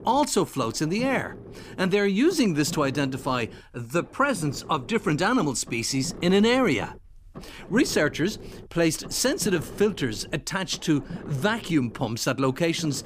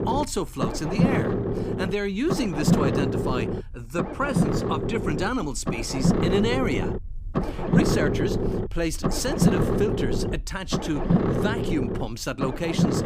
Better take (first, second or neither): first